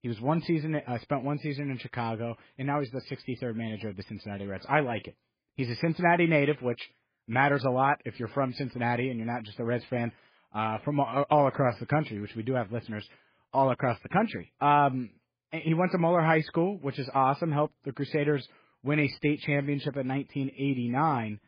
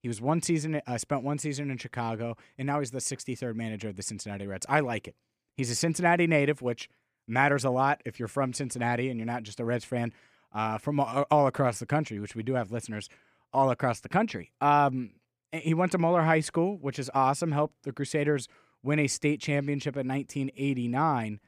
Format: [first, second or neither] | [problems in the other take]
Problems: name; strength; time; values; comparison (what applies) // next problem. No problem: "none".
second | garbled, watery; badly; nothing above 5 kHz